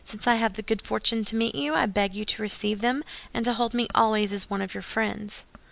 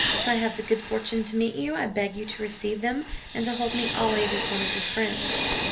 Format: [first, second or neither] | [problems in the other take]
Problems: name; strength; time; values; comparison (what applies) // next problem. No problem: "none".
first | background sound (Hiss); 3 dB below the speech // room echo; dies away in 0.3 s